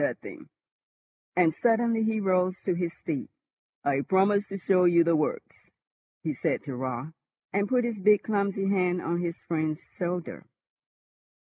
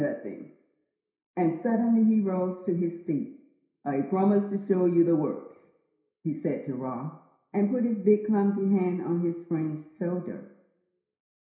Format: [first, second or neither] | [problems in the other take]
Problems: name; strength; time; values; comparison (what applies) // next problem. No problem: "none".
first | room echo; dies away in 0.7 s